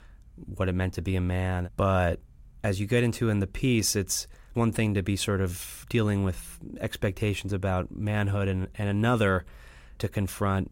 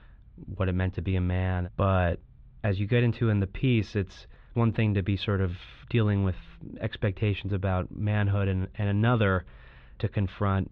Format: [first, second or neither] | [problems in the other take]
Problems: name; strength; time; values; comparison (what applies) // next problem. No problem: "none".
first | muffled; very; fading above 3.5 kHz